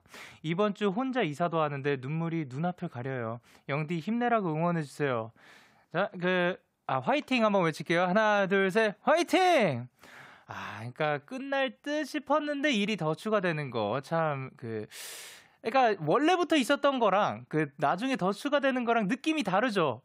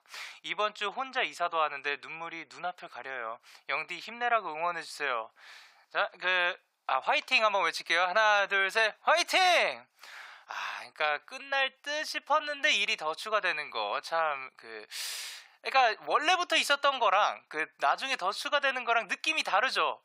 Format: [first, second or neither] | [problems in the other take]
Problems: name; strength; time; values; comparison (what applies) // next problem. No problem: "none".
first | thin; very; fading below 950 Hz